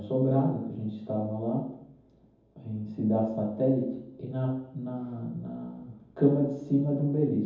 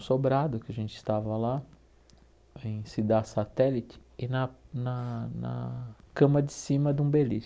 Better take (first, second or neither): second